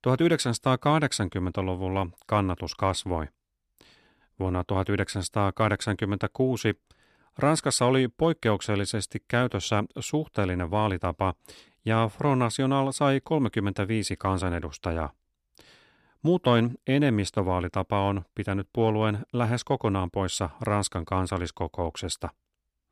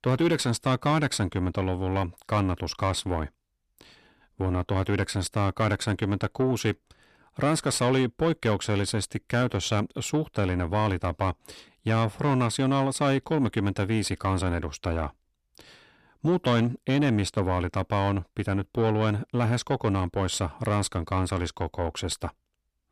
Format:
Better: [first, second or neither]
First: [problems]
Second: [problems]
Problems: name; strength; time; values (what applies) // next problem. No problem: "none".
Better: first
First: none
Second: distortion; slight; 10 dB below the speech